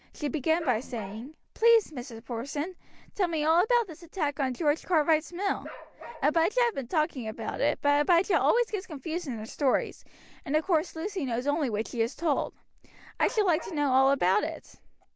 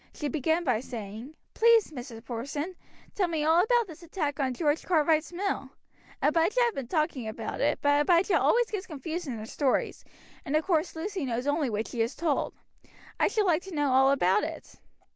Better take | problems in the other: second | background sound (Bark); 17 dB below the speech

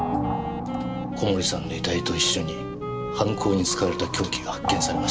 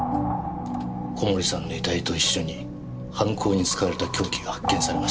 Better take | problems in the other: second | background sound (Wind instrument, woodwind instrument); 10 dB below the speech

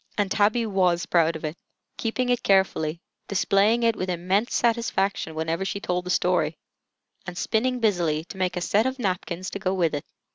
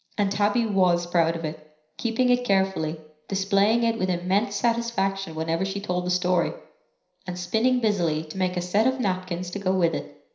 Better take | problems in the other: first | room echo; dies away in 0.5 s

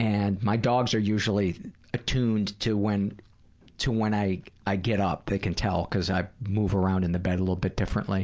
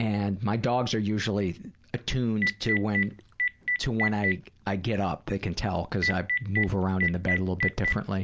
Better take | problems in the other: first | background sound (Telephone); 2 dB below the speech

